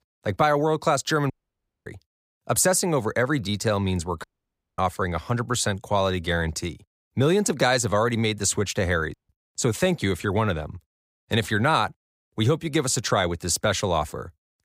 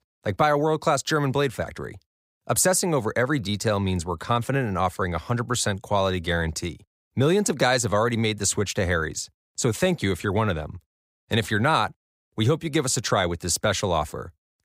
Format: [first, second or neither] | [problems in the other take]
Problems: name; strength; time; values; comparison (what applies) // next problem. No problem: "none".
second | audio cutting out; at 1.5 s for 0.5 s, at 4 s for 0.5 s and at 9 s